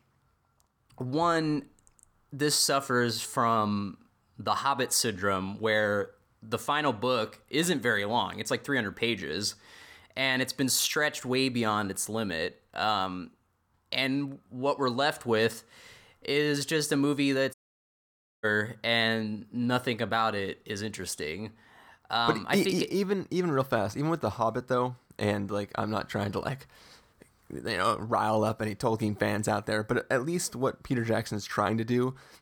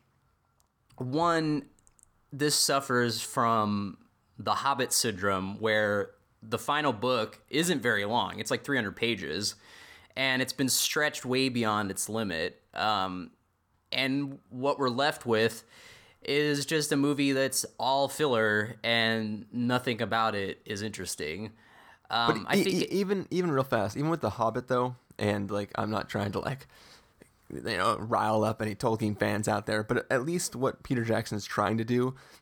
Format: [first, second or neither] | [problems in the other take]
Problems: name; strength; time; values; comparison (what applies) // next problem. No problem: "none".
second | audio cutting out; at 18 s for 1 s